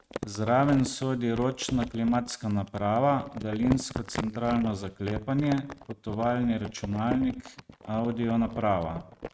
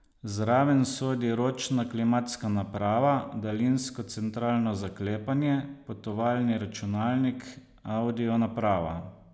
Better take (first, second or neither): second